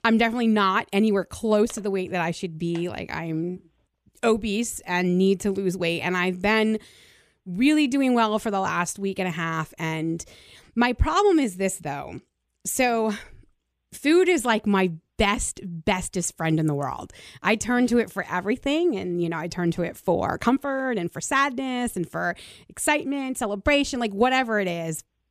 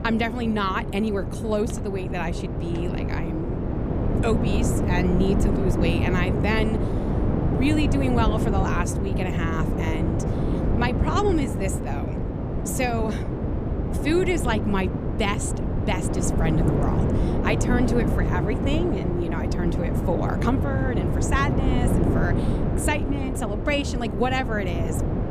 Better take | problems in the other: first | wind noise on the microphone; heavy; 3 dB below the speech

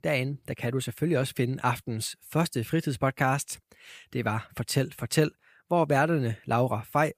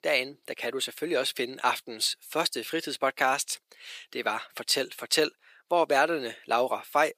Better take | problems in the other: first | thin; very; fading below 350 Hz

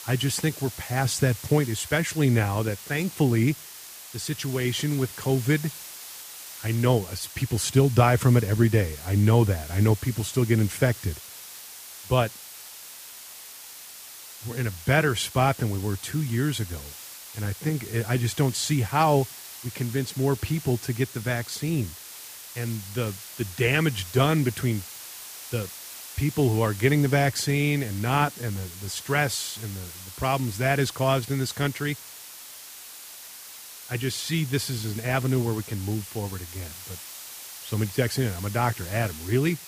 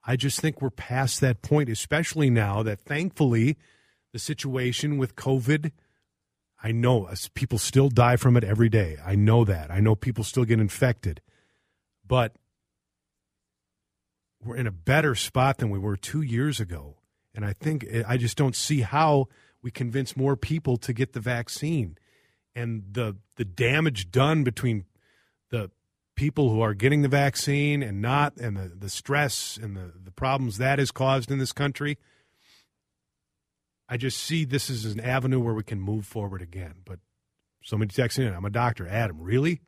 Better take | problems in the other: second | hiss; noticeable; throughout; 15 dB below the speech

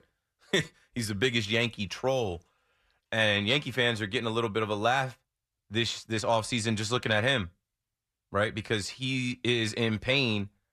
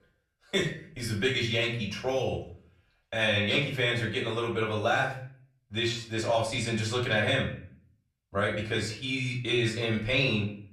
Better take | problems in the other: first | off-mic speech; far // room echo; slight; dies away in 0.5 s

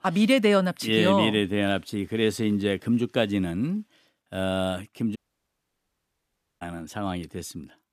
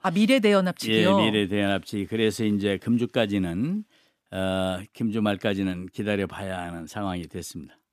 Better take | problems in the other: second | audio cutting out; at 5 s for 1.5 s

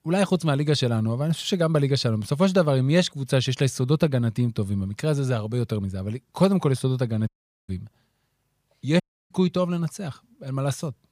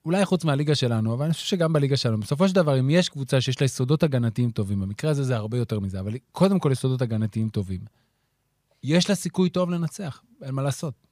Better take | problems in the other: second | audio cutting out; at 7.5 s and at 9 s

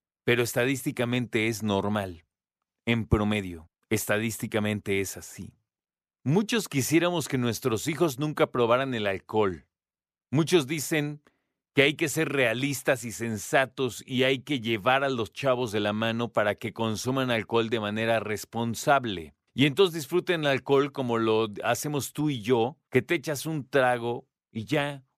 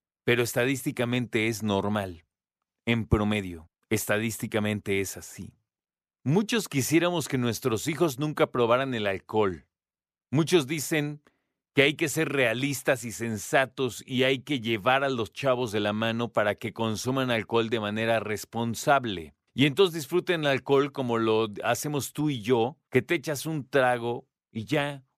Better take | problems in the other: neither | none

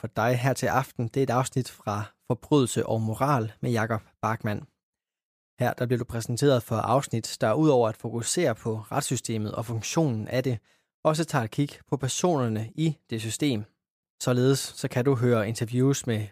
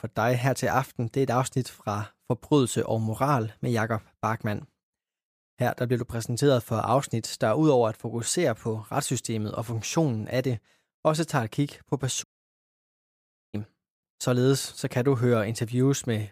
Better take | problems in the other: first | audio cutting out; at 12 s for 1.5 s

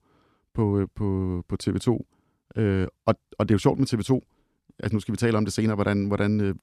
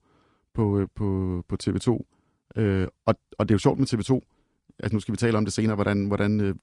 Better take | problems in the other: first | garbled, watery; slightly; nothing above 10 kHz

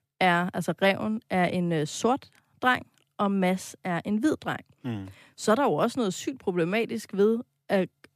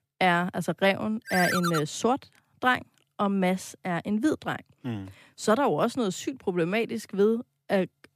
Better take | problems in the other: first | phone ringing; loud; at 1.5 s; peak level with the speech

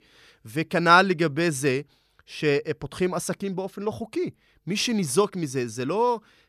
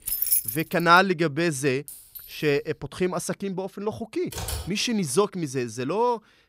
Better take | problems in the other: first | jangling keys; loud; at the start; peak 4 dB above the speech // clattering dishes; faint; at 2 s; peak 15 dB below the speech // keyboard typing; noticeable; at 4.5 s; peak 7 dB below the speech

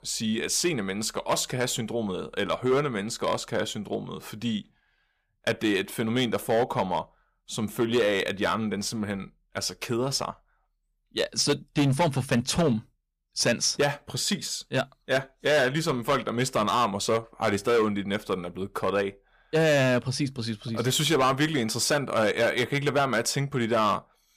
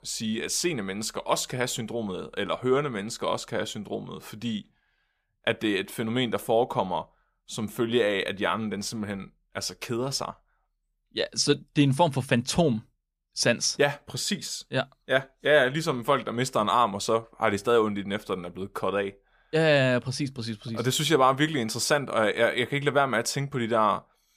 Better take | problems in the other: second | distortion; slight; 5% of the sound clipped

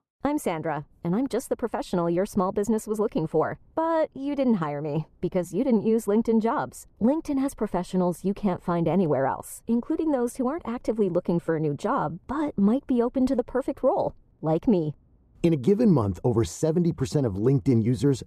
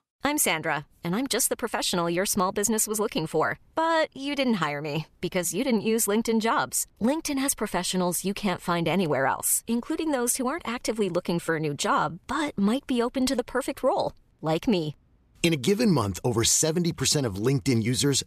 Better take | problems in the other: second | muffled; very; fading above 1.5 kHz

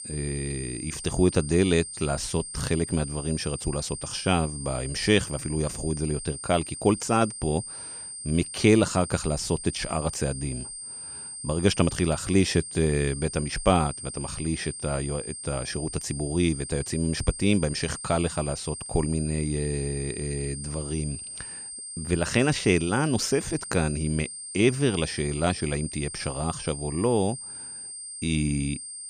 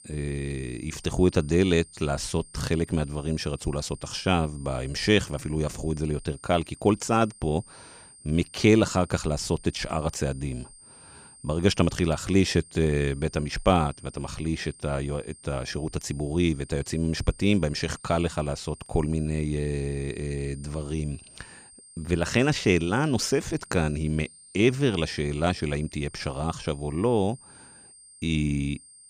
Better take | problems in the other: second | high-pitched whine; loud; throughout; 8.5 kHz, 9 dB below the speech; faint in the second

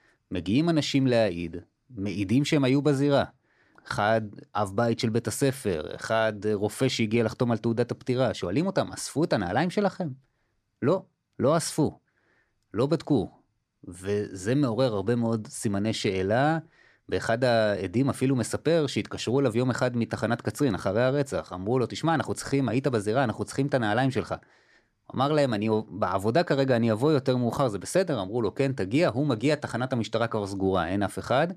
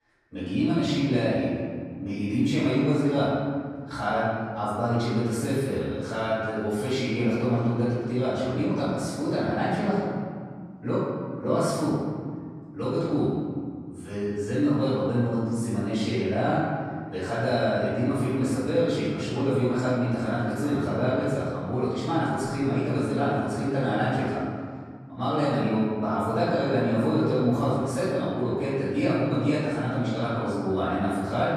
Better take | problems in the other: first | off-mic speech; far // room echo; strong; dies away in 1.9 s

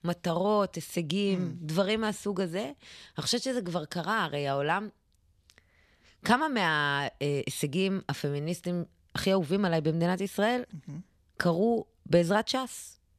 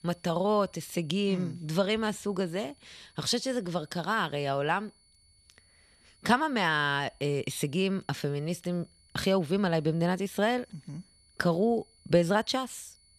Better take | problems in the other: first | high-pitched whine; faint; throughout; 4.5 kHz, 30 dB below the speech

